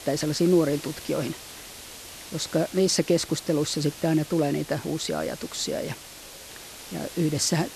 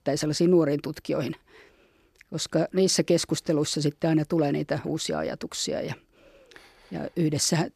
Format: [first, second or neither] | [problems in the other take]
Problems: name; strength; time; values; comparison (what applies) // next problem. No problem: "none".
second | hiss; noticeable; throughout; 15 dB below the speech